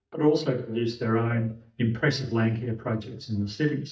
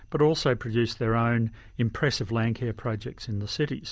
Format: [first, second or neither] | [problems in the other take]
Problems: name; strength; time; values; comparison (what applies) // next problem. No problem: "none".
second | noise reduction (neural mask model DeepFilterNet 3)